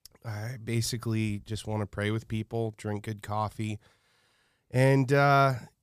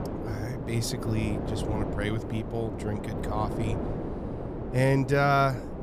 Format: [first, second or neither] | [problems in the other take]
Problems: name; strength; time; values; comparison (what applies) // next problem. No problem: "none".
first | wind noise on the microphone; heavy; 8 dB below the speech